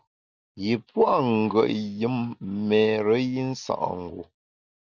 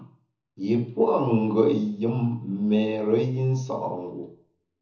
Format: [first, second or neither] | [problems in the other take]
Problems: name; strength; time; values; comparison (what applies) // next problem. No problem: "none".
first | room echo; dies away in 0.6 s